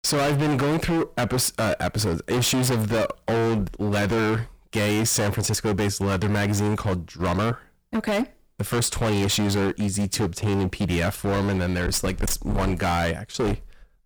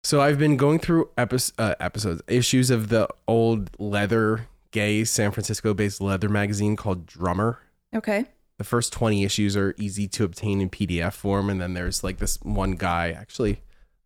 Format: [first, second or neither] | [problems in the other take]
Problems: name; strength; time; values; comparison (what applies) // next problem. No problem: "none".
second | distortion; heavy; 31% of the sound clipped